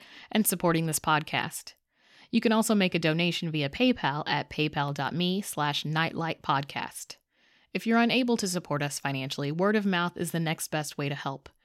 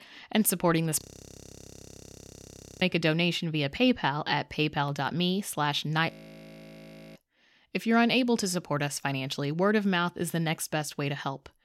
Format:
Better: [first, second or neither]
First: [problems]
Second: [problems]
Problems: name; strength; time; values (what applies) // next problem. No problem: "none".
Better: first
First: none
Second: audio freezing; at 1 s for 2 s and at 6 s for 1 s